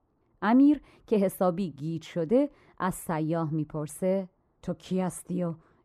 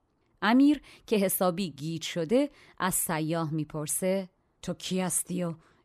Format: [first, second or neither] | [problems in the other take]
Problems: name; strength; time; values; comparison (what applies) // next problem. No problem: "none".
second | muffled; slightly; fading above 2 kHz